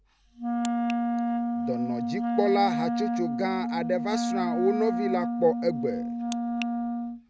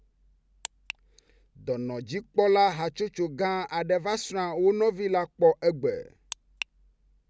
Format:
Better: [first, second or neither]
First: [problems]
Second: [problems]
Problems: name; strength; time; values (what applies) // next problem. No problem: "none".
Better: second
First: background sound (Wind instrument, woodwind instrument); 2 dB above the speech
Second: none